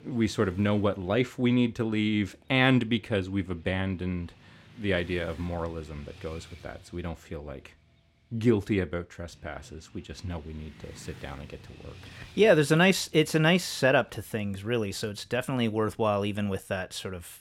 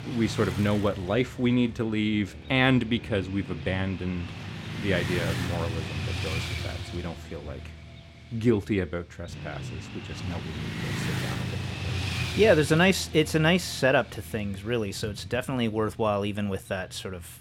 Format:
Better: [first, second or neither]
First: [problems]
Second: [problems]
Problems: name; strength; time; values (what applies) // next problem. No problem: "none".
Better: first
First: traffic noise; faint; throughout; 25 dB below the speech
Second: traffic noise; loud; throughout; 8 dB below the speech